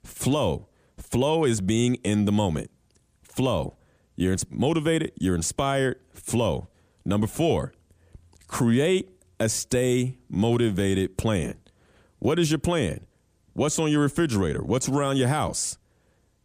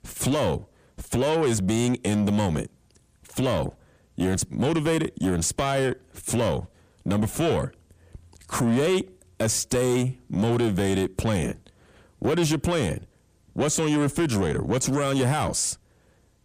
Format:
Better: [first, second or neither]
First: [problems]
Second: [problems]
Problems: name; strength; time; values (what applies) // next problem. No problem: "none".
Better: first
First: none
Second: distortion; slight; 10 dB below the speech